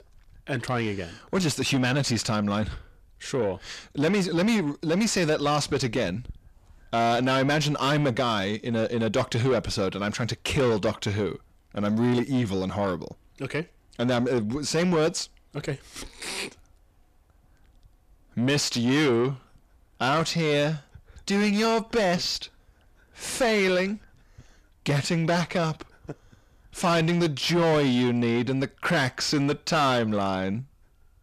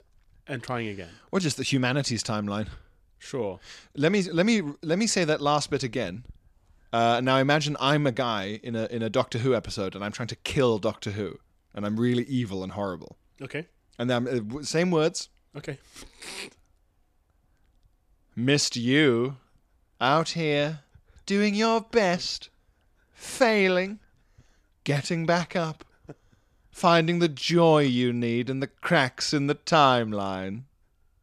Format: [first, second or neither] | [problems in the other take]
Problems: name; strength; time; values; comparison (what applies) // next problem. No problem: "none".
second | distortion; heavy; 7 dB below the speech